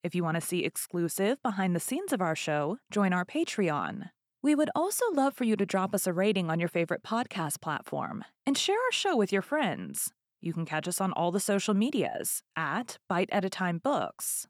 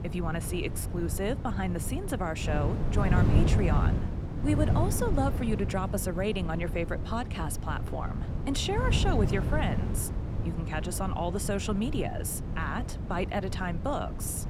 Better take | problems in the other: first | wind noise on the microphone; heavy; 7 dB below the speech

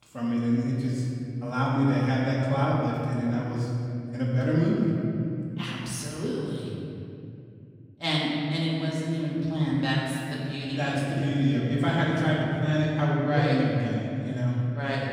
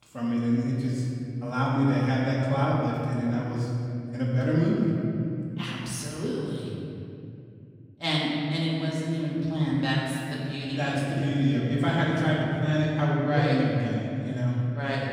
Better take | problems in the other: neither | room echo; strong; dies away in 2.7 s; the same in both // off-mic speech; far; the same in both

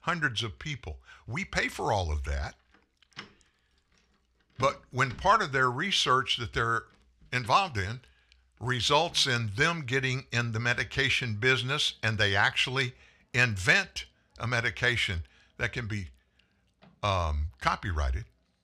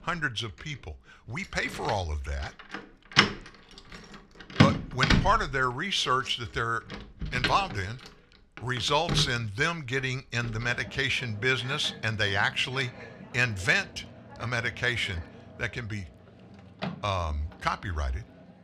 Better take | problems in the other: first | household noises; loud; throughout; 1 dB below the speech; faint in the first

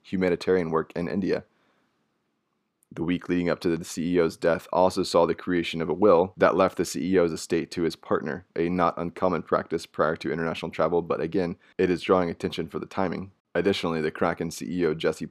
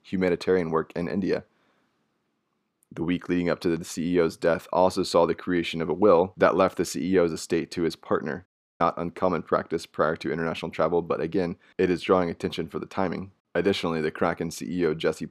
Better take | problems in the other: first | audio cutting out; at 8.5 s

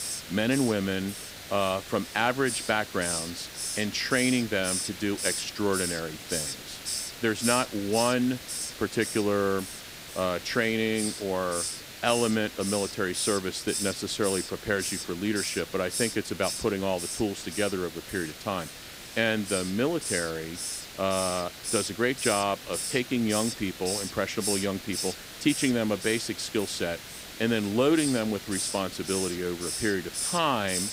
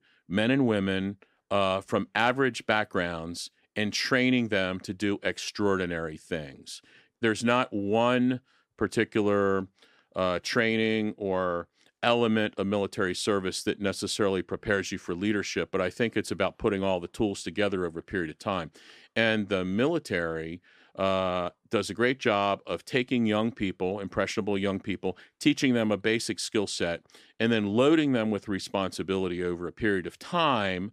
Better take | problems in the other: second | hiss; loud; throughout; 5 dB below the speech

